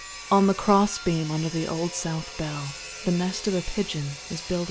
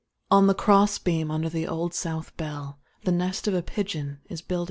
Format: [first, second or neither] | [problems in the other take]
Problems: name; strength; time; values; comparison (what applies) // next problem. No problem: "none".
second | background sound (Sawing); 13 dB below the speech